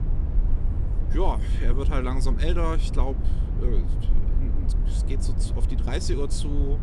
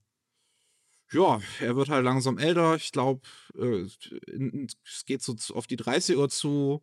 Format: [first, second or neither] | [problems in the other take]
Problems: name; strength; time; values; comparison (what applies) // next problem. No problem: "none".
second | low rumble; loud; throughout; 9 dB below the speech